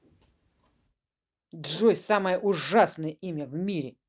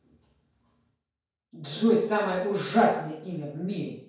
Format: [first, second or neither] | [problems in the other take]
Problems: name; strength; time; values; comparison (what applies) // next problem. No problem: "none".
first | room echo; dies away in 0.5 s